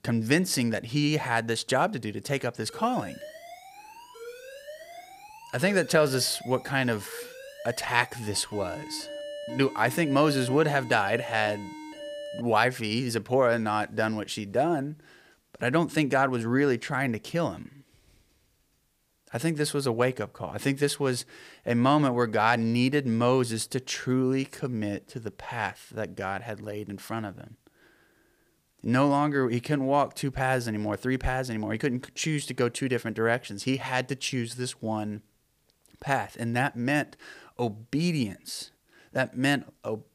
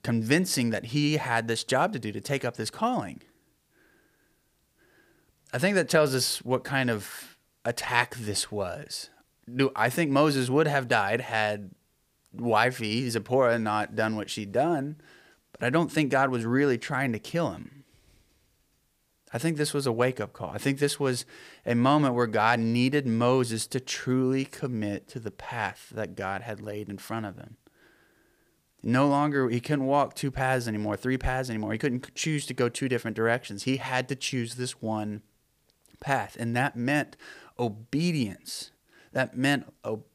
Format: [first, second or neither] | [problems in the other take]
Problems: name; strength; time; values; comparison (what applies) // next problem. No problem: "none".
second | alarm; noticeable; from 2.5 to 12 s; peak 10 dB below the speech